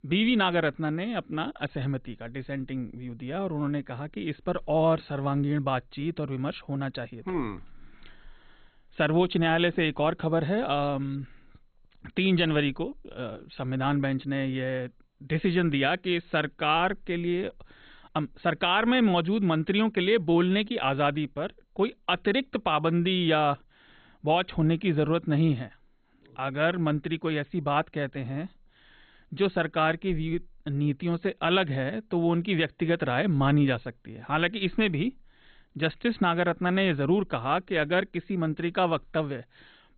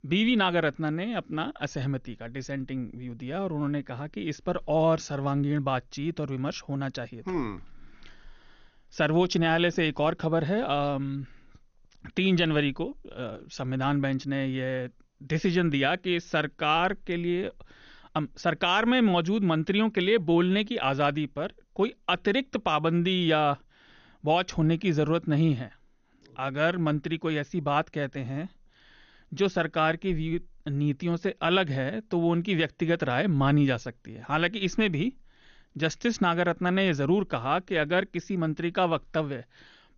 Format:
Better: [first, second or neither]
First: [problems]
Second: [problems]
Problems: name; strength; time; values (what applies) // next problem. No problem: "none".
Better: second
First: garbled, watery; badly; nothing above 4 kHz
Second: garbled, watery; slightly; nothing above 6.5 kHz